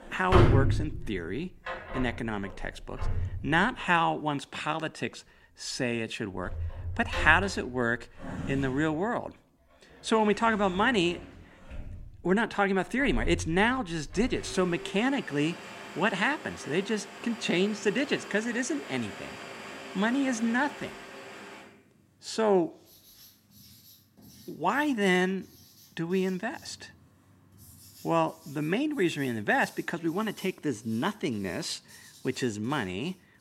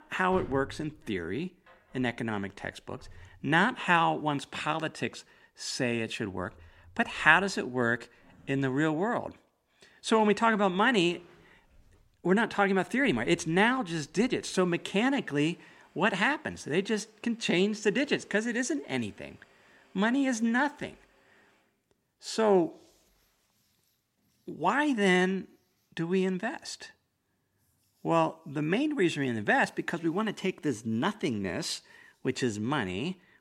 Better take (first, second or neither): second